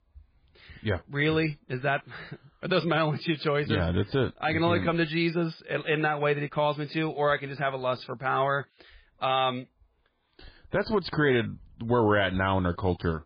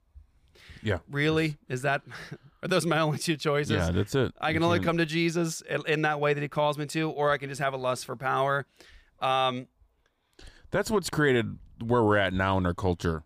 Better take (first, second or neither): second